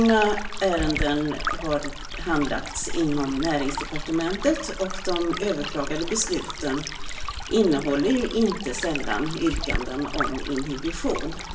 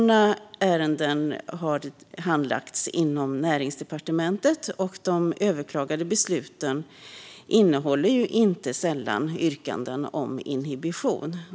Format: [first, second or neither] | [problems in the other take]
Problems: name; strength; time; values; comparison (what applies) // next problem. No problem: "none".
second | background sound (Stream); 5 dB below the speech // room echo; dies away in 0.7 s